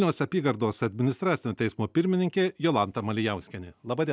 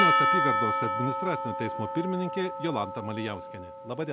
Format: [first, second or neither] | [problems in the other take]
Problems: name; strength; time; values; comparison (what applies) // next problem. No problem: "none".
first | background sound (Percussion); 4 dB above the speech